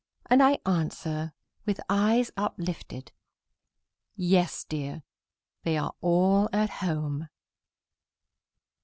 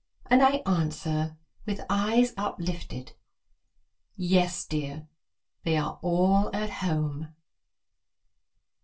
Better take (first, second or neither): first